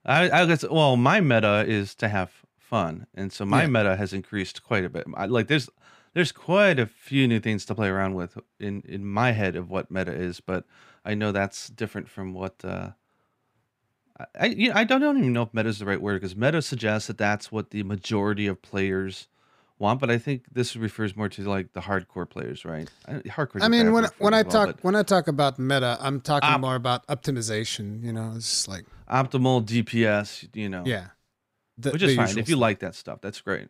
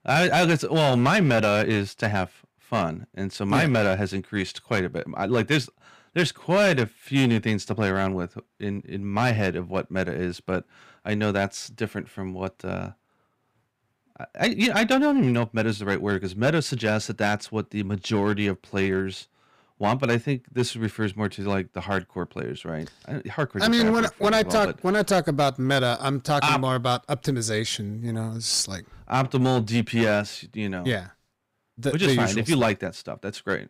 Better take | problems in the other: first | distortion; slight; 5% of the sound clipped

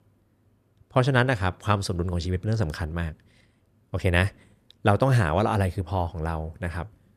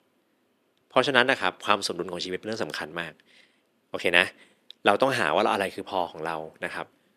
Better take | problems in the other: first | thin; somewhat; fading below 250 Hz

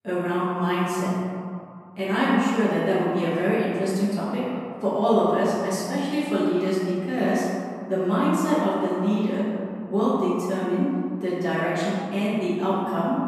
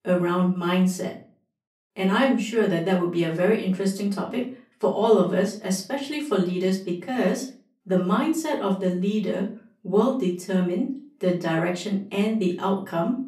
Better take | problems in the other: second | room echo; strong; dies away in 2.4 s; slight in the second // off-mic speech; far; far in the second

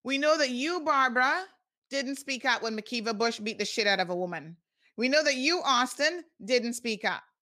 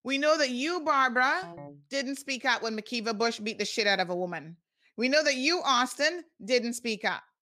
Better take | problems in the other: first | phone ringing; faint; at 1.5 s; peak 20 dB below the speech

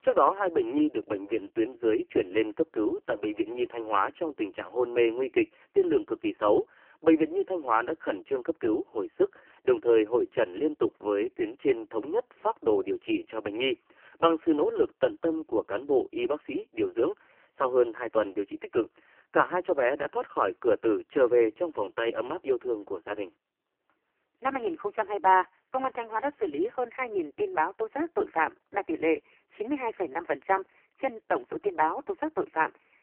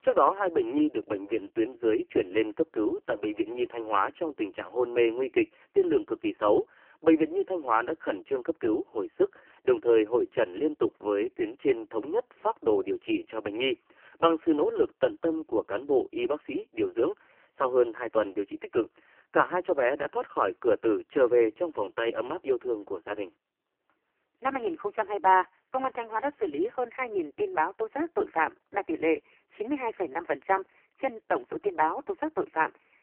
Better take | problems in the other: neither | phone-call audio; poor line; nothing above 3 kHz; the same in both

